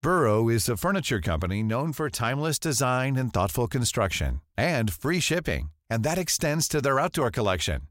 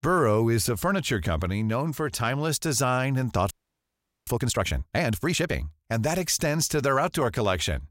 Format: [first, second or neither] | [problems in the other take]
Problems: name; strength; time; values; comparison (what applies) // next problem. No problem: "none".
first | audio freezing; at 3.5 s for 1 s